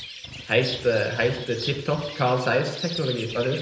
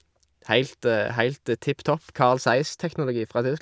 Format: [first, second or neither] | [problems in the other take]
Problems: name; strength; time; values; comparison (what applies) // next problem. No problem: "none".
second | background sound (Bird); 11 dB below the speech // room echo; dies away in 0.8 s